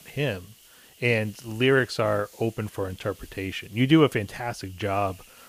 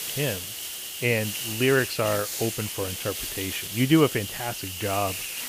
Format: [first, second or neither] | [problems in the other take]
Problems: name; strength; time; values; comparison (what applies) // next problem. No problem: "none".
first | hiss; loud; throughout; 5 dB below the speech; faint in the first